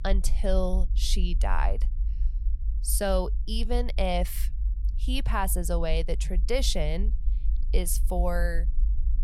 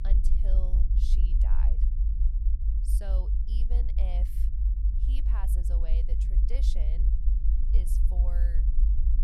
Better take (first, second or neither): first